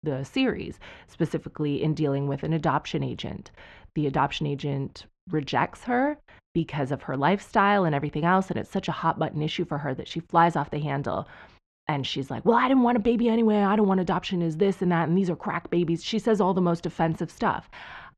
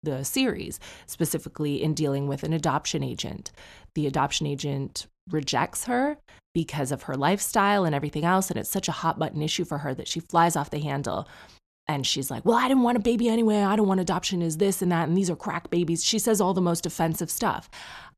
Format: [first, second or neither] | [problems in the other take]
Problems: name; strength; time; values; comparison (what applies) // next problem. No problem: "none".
second | muffled; slightly; fading above 2.5 kHz